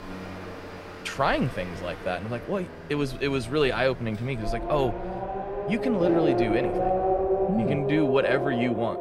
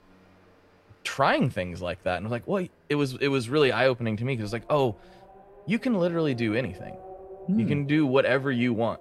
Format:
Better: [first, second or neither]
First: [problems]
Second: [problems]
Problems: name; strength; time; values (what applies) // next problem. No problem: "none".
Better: second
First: traffic noise; loud; throughout; 1 dB below the speech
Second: traffic noise; faint; throughout; 20 dB below the speech